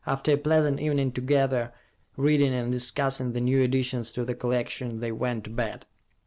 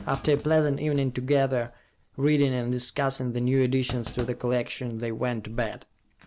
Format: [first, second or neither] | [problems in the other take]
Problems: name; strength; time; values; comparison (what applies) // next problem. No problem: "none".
first | background sound (Thump, thud); 19 dB below the speech